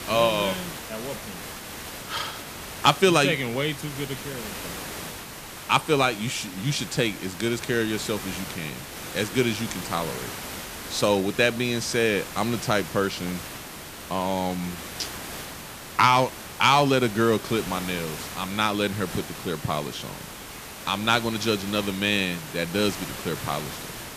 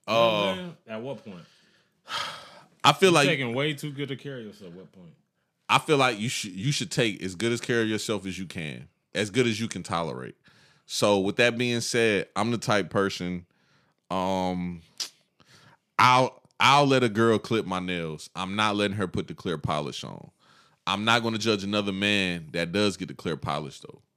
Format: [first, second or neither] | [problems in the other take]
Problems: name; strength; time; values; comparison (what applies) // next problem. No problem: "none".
second | hiss; noticeable; throughout; 10 dB below the speech